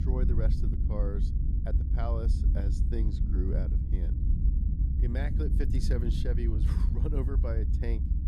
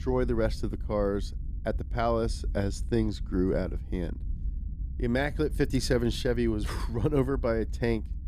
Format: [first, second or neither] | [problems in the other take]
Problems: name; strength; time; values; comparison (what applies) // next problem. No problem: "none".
second | low rumble; loud; throughout; 4 dB below the speech; faint in the second